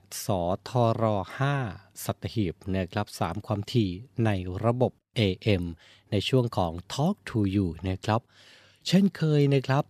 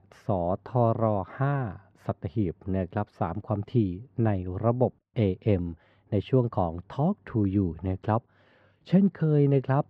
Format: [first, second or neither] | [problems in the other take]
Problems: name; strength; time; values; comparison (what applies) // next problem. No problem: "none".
first | muffled; very; fading above 3.5 kHz